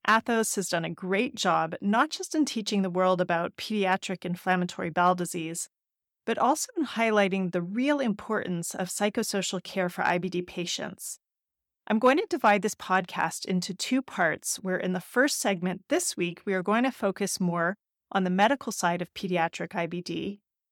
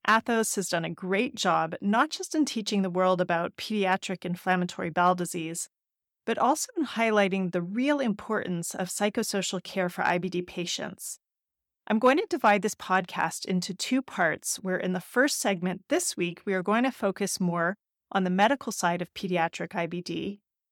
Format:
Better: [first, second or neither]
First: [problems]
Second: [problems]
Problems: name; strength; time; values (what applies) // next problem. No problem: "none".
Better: neither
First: none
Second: none